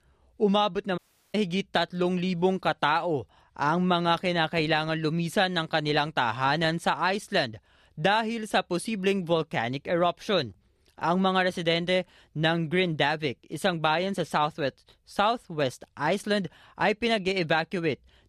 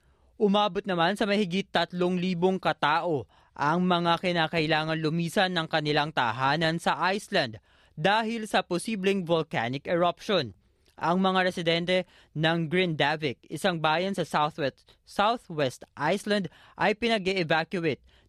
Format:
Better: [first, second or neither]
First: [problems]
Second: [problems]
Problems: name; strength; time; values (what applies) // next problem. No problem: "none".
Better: second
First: audio cutting out; at 1 s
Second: none